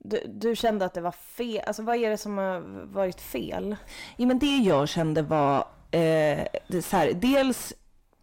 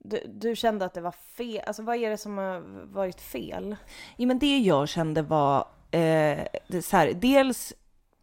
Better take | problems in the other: second | distortion; slight; 9 dB below the speech

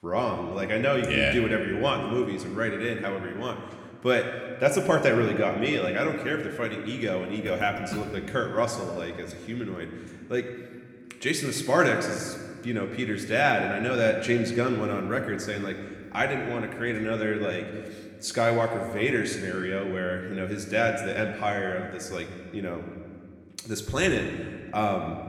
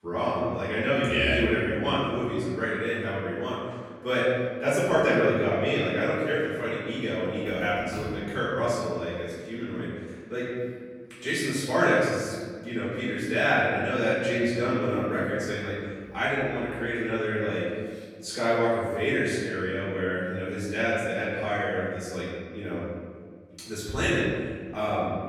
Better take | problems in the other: first | room echo; strong; dies away in 1.7 s; slight in the first // off-mic speech; far

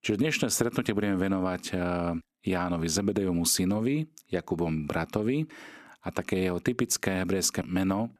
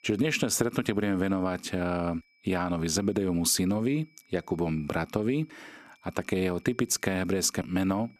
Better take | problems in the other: first | high-pitched whine; faint; throughout; 2.5 kHz, 35 dB below the speech

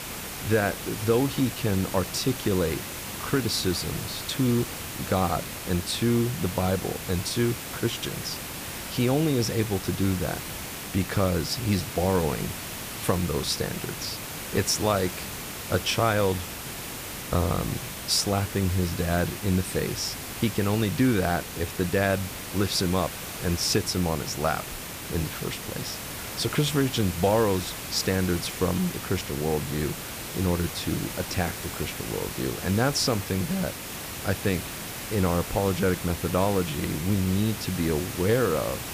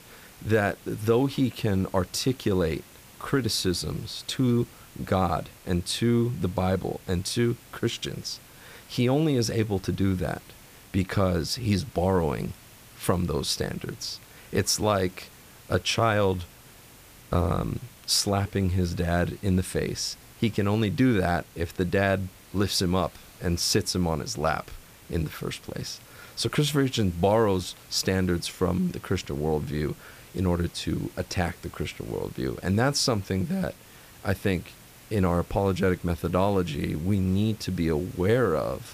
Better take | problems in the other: second | hiss; loud; throughout; 7 dB below the speech; faint in the second

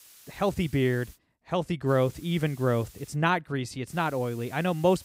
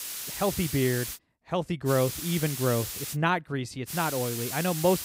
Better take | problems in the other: first | hiss; loud; until 1 s, from 2 to 3 s and from 4 s on; 5 dB below the speech; faint in the first

